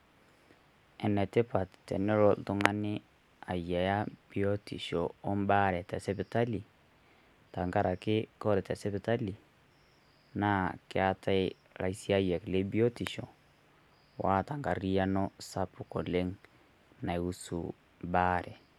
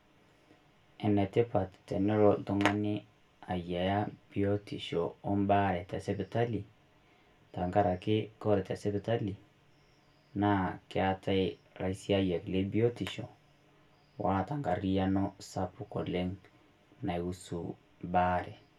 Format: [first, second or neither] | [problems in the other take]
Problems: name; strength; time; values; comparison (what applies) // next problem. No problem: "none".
first | room echo; dies away in 0.2 s